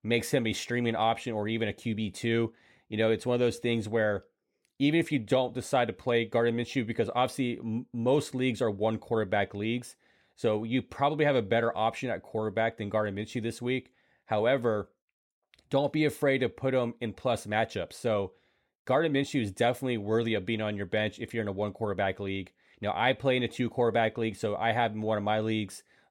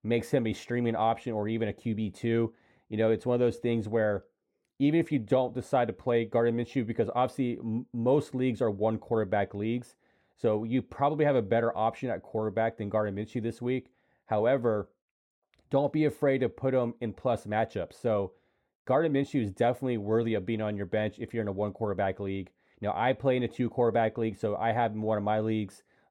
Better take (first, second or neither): first